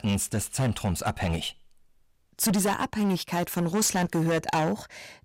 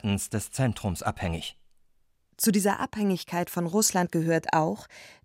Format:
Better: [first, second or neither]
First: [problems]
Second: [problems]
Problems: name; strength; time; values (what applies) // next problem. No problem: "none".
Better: second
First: distortion; heavy; 13% of the sound clipped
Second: none